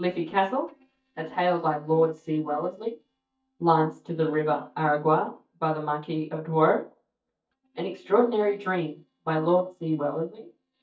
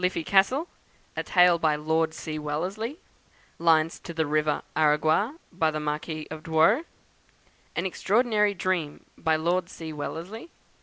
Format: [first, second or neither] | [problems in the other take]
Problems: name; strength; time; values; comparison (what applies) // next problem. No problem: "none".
second | noise reduction (neural mask model DeepFilterNet 3)